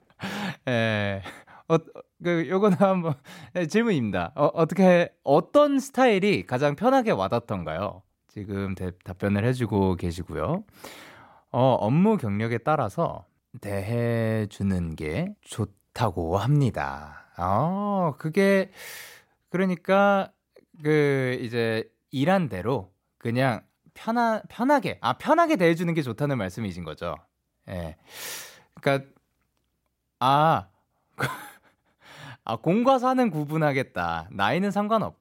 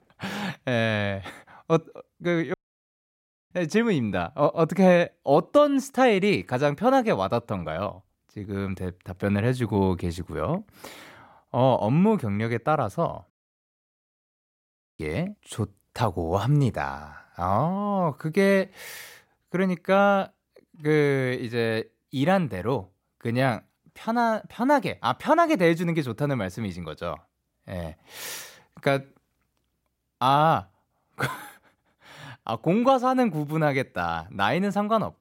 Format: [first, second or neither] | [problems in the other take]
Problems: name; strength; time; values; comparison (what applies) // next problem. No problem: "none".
first | audio cutting out; at 2.5 s for 1 s and at 13 s for 1.5 s